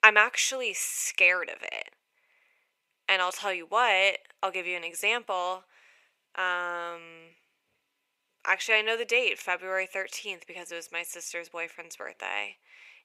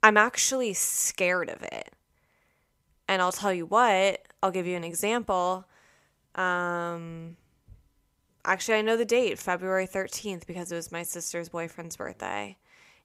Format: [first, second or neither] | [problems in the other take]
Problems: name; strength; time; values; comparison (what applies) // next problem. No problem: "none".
second | thin; very; fading below 500 Hz